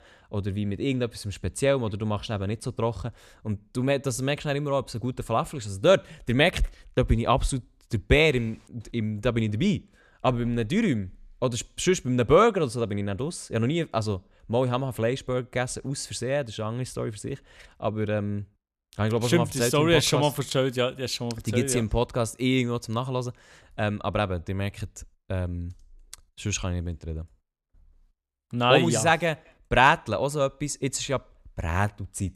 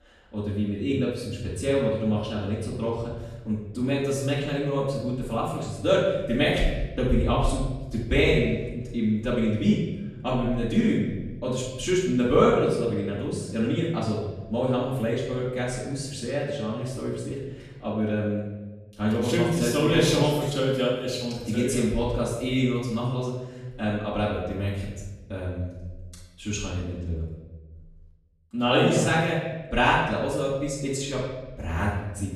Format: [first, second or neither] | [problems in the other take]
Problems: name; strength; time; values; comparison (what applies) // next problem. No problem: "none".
first | room echo; noticeable; dies away in 1.1 s // off-mic speech; far